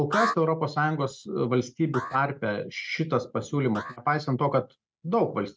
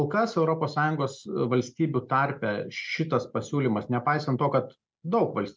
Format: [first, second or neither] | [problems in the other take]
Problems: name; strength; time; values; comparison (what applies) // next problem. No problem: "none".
second | noise reduction (neural mask model RNNoise)